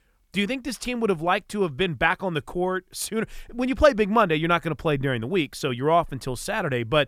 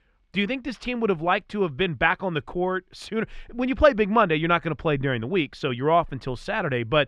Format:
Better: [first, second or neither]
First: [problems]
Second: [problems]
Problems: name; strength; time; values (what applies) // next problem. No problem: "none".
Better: first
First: none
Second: muffled; very slightly; fading above 3 kHz